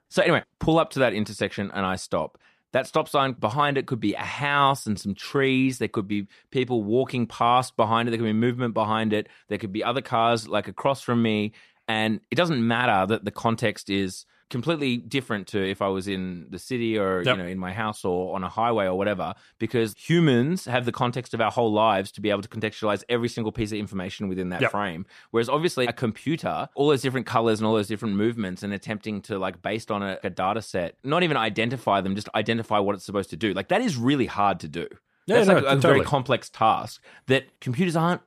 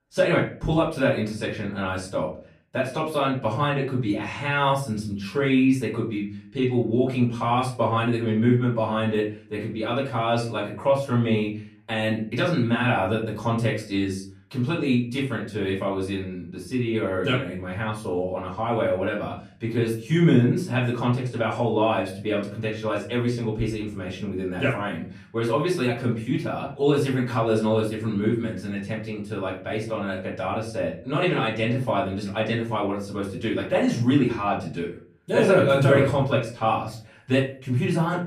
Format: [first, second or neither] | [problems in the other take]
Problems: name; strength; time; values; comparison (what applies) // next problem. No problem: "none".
first | off-mic speech; far // room echo; slight; dies away in 0.4 s